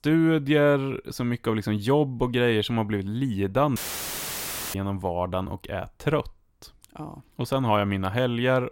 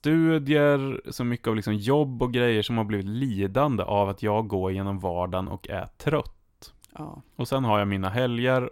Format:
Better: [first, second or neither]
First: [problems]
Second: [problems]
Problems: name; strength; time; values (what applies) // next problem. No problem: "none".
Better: second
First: audio cutting out; filled with static; at 4 s for 1 s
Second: none